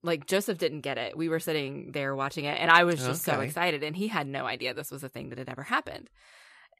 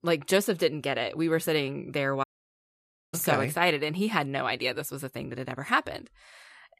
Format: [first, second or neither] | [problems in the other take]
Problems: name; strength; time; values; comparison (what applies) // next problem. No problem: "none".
first | audio cutting out; at 2 s for 1 s